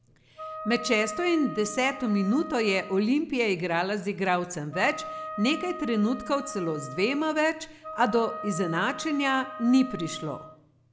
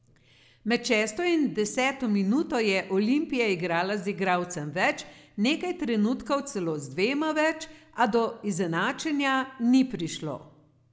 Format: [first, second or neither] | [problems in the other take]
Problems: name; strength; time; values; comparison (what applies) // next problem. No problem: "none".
second | background sound (Wind instrument, woodwind instrument); 12 dB below the speech